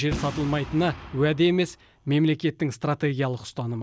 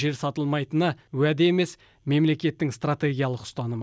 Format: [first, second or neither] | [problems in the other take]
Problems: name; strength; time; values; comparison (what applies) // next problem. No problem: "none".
second | background sound (Boom); 13 dB below the speech